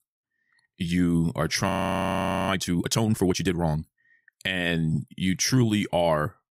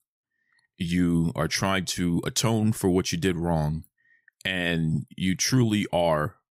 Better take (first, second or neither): second